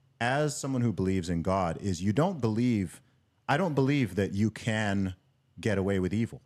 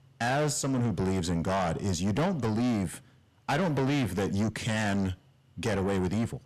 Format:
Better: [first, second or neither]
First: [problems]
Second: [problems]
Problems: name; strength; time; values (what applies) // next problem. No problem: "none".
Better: first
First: none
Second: distortion; heavy; 7 dB below the speech